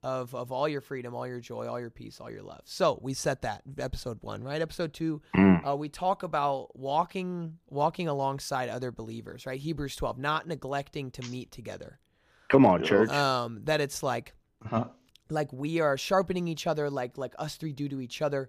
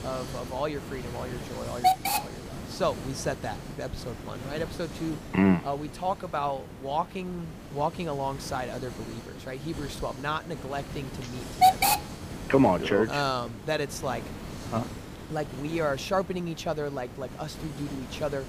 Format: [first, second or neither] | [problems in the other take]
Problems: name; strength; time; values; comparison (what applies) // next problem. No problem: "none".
first | hiss; loud; throughout; 3 dB below the speech